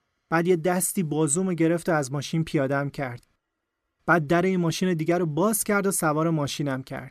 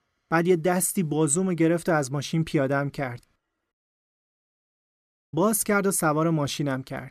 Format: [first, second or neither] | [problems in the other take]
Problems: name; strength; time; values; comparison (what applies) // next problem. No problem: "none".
first | audio cutting out; at 3.5 s for 1.5 s